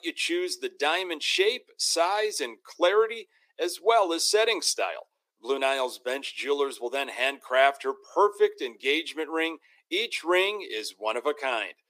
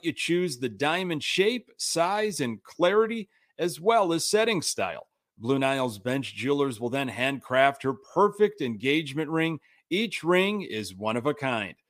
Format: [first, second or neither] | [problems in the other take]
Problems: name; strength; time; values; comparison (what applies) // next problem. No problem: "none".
second | thin; very; fading below 350 Hz